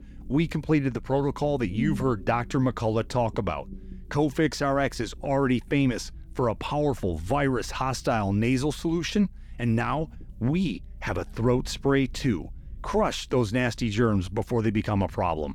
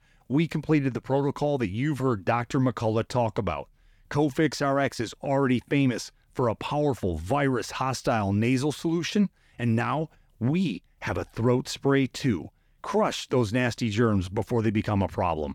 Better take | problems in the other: second | low rumble; faint; throughout; 20 dB below the speech

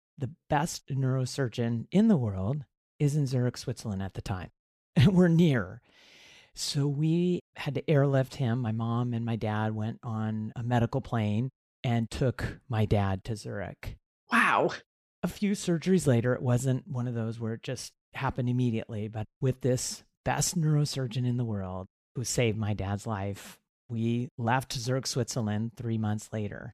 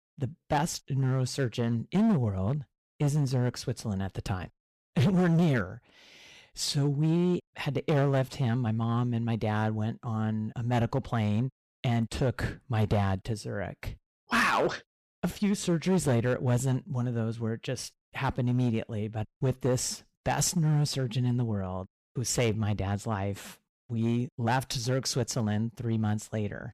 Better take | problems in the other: first | distortion; slight; 6% of the sound clipped

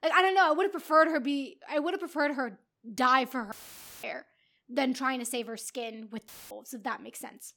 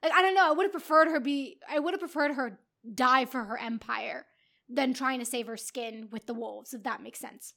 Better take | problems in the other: second | audio cutting out; filled with static; at 3.5 s for 0.5 s and at 6.5 s

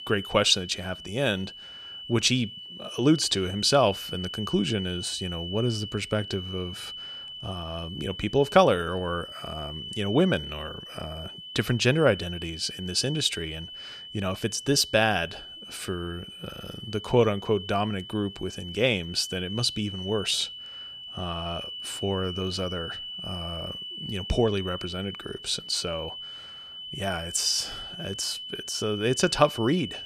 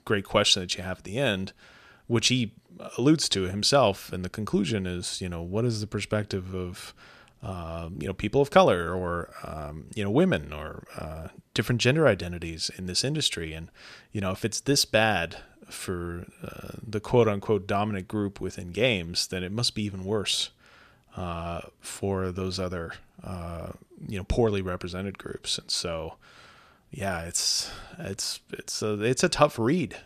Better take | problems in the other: second | high-pitched whine; noticeable; throughout; 3 kHz, 10 dB below the speech

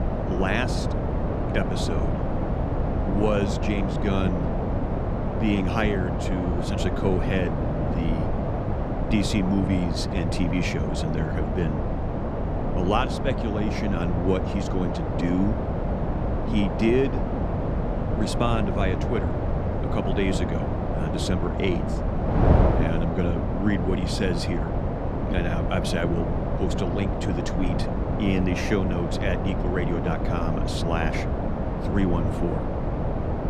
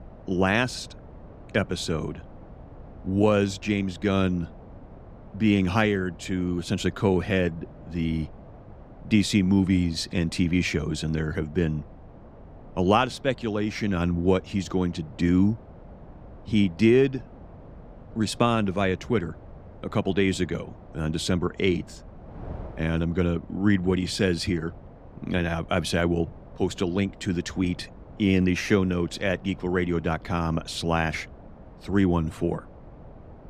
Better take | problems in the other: second | wind noise on the microphone; heavy; 1 dB below the speech; occasional gusts in the second

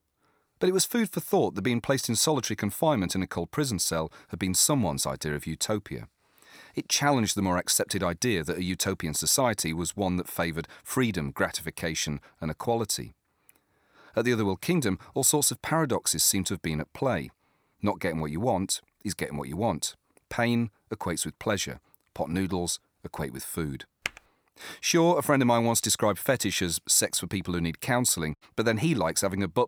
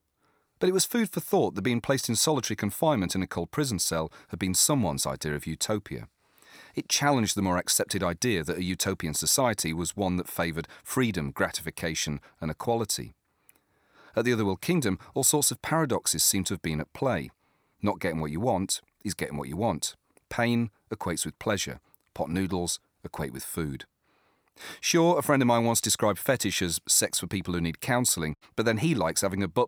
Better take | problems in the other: second | keyboard typing; very faint; at 24 s; peak 9 dB below the speech

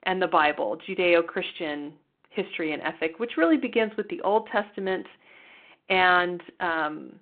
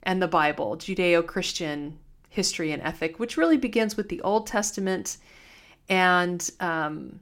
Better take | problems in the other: second | phone-call audio

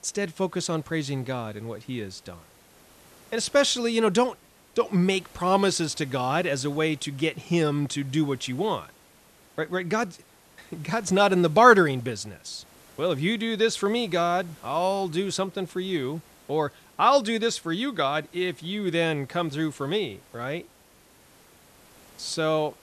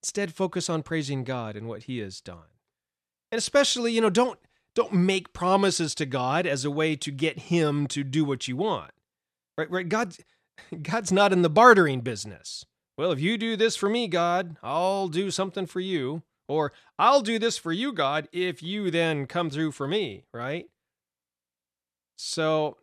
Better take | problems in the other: second | hiss; faint; throughout; 25 dB below the speech

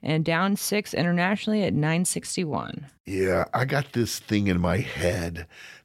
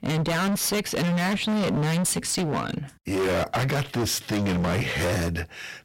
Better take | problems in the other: first | distortion; heavy; 35% of the sound clipped

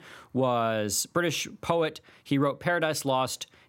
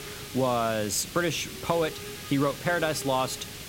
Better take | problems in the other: first | hiss; noticeable; throughout; 10 dB below the speech

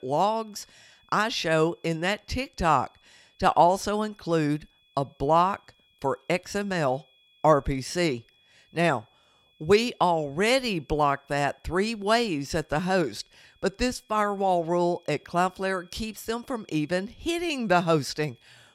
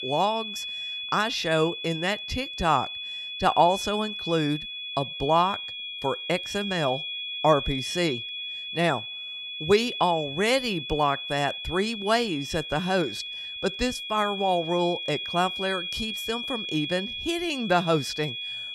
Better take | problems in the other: first | high-pitched whine; loud; throughout; 3.5 kHz, 6 dB below the speech; faint in the first

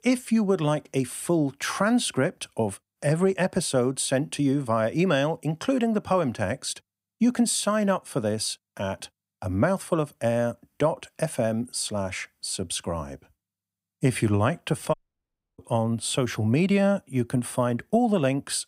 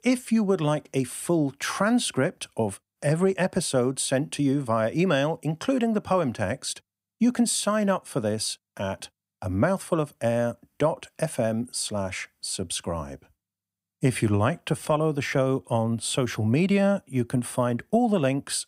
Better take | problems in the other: second | audio cutting out; at 15 s for 0.5 s

